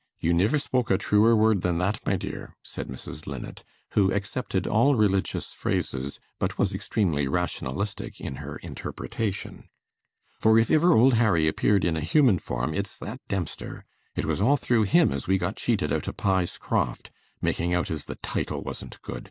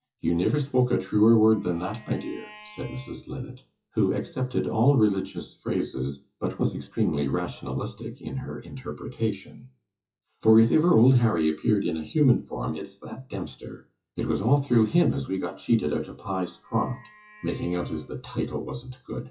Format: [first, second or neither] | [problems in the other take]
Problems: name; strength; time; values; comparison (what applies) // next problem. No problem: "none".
first | noise reduction (classical method WPE with log-MMSE)